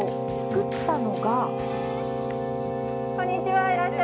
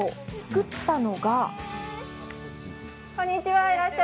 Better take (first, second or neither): second